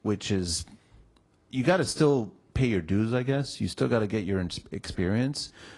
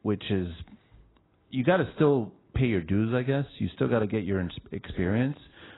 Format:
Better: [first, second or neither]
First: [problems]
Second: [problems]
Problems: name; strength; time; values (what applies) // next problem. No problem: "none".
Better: first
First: garbled, watery; slightly; nothing above 10.5 kHz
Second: garbled, watery; badly; nothing above 4 kHz